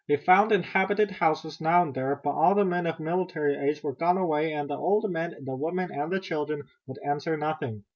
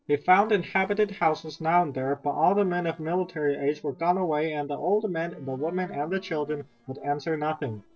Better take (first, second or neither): first